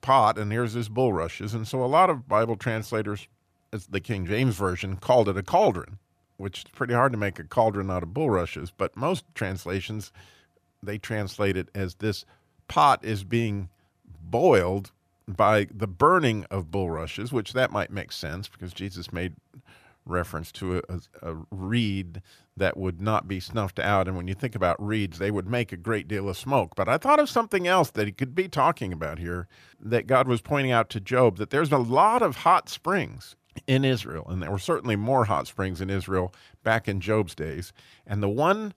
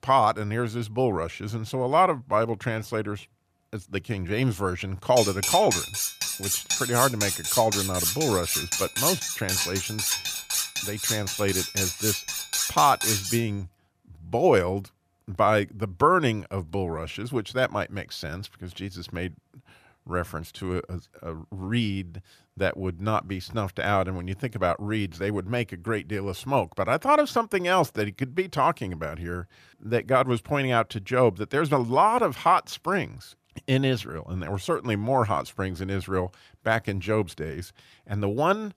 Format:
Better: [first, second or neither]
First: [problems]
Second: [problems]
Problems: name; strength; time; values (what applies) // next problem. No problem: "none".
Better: first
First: none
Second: clattering dishes; loud; from 5 to 13 s; peak 3 dB above the speech